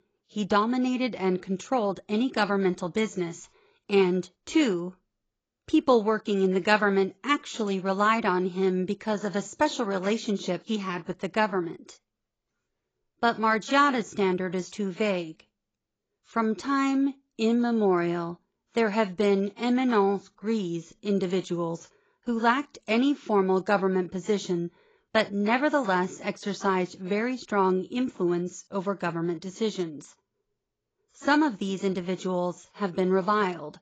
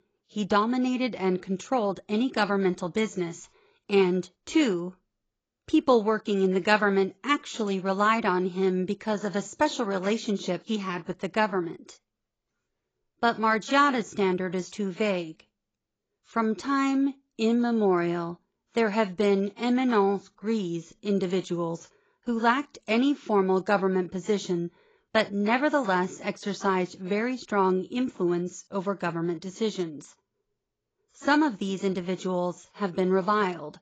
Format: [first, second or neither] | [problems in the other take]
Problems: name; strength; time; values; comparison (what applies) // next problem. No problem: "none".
neither | garbled, watery; badly; nothing above 7.5 kHz; the same in both